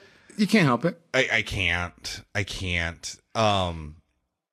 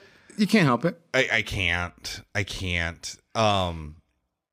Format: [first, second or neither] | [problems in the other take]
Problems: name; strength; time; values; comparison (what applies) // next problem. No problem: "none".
second | garbled, watery; slightly; nothing above 13 kHz